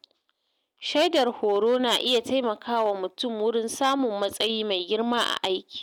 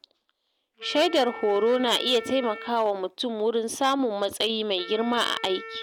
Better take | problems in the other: first | background sound (Wind instrument, woodwind instrument); 17 dB below the speech

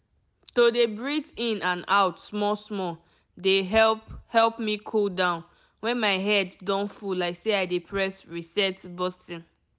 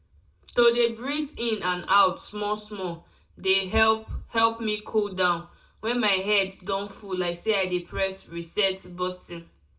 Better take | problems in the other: first | room echo; dies away in 0.2 s

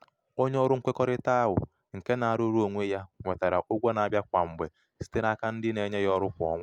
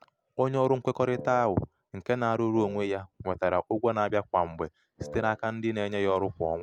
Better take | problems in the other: first | background sound (Wind instrument, woodwind instrument); 15 dB below the speech

